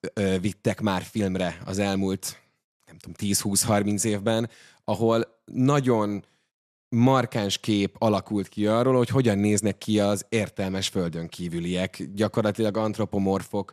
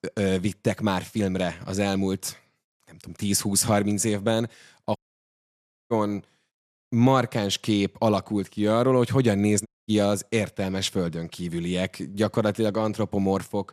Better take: first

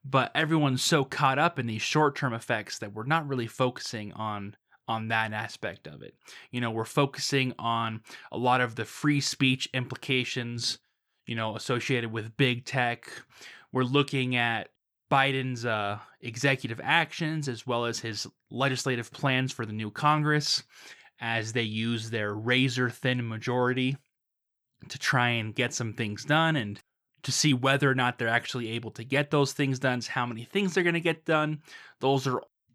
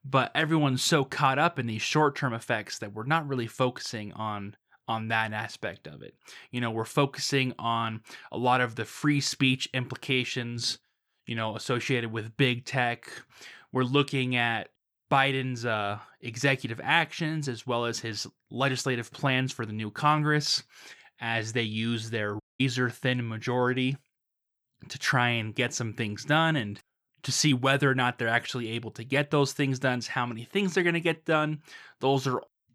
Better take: first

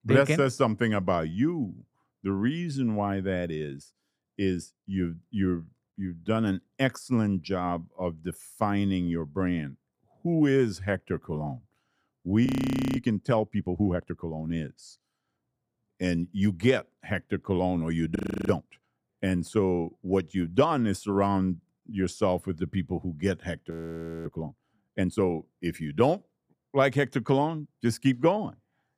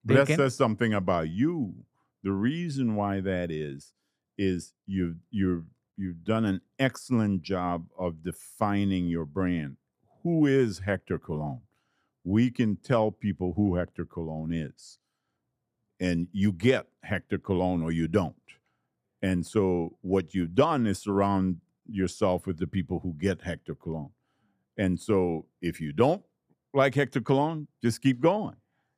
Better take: second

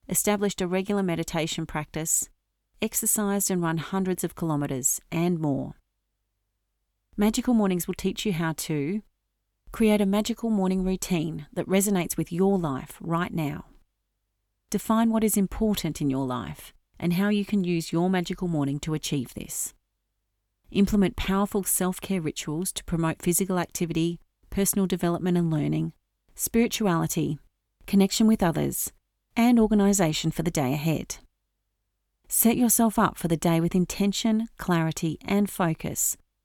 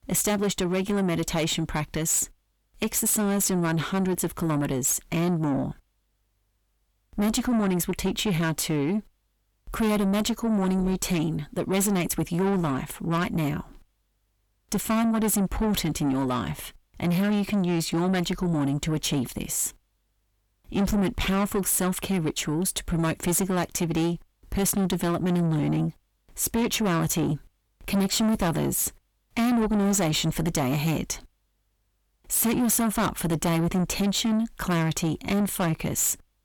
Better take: first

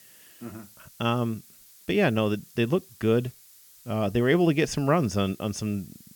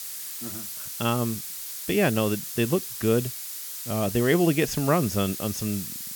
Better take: first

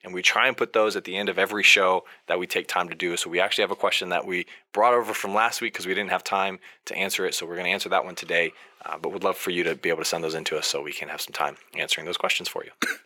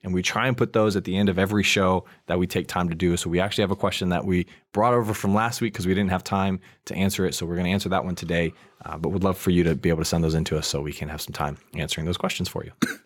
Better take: second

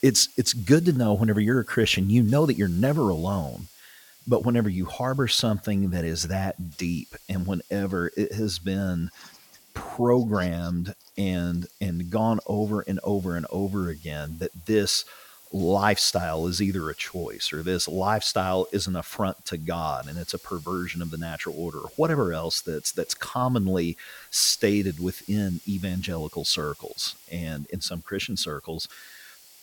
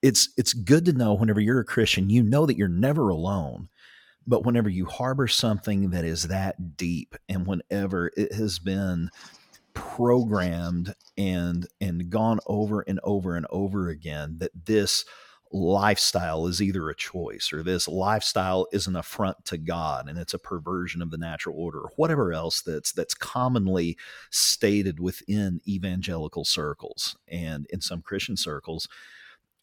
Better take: second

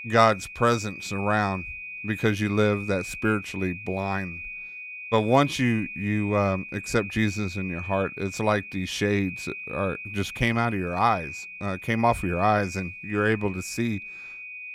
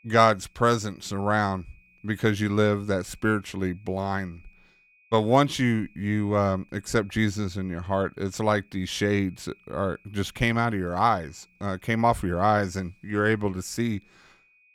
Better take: second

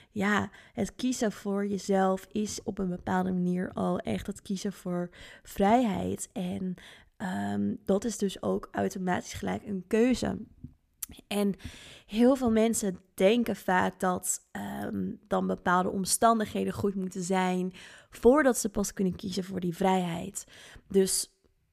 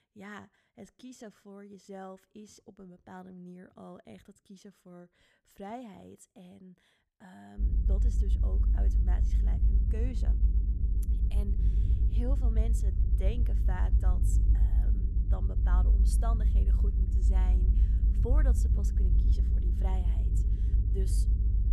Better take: first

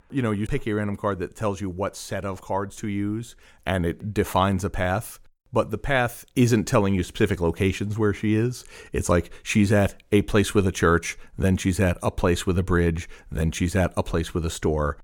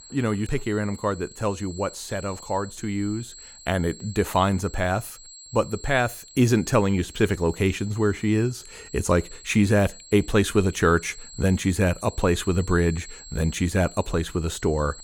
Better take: first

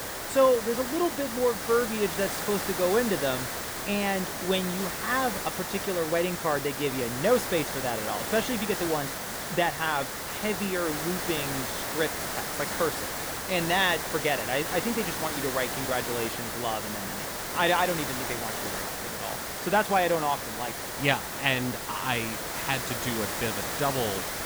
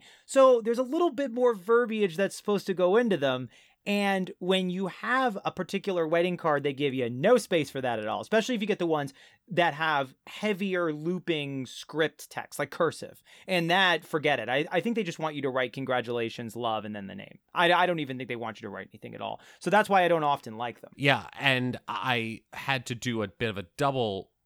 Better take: second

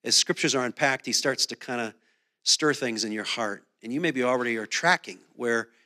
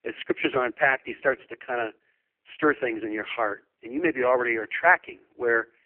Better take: first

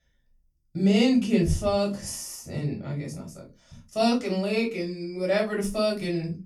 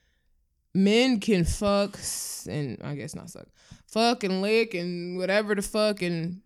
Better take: second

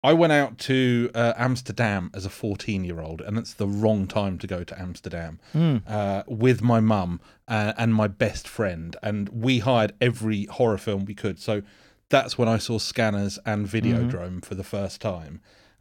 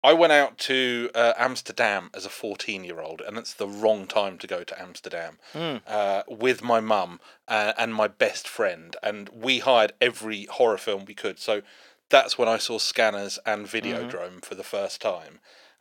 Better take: first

